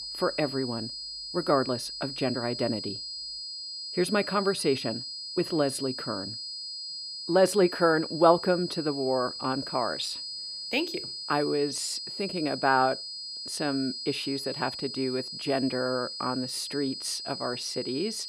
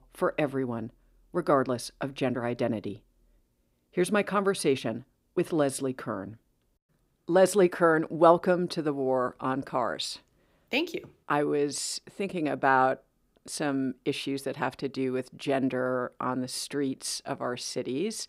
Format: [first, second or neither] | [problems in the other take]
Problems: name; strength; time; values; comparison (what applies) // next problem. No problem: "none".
second | high-pitched whine; loud; throughout; 5 kHz, 6 dB below the speech